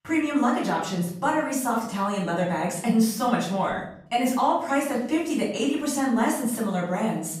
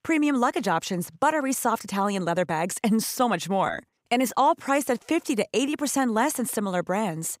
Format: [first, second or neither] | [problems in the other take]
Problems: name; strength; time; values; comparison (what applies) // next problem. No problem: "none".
second | off-mic speech; far // room echo; noticeable; dies away in 0.6 s